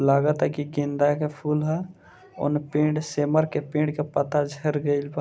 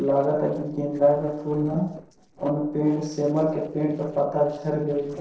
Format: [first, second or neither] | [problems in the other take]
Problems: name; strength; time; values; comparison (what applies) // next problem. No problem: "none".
first | noise reduction (neural separator model SepFormer DNS4)